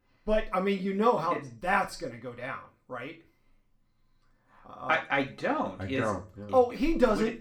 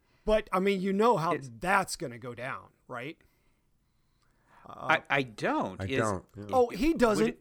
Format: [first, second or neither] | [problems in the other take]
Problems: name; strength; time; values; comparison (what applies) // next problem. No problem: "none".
second | room echo; slight; dies away in 0.3 s // off-mic speech; somewhat distant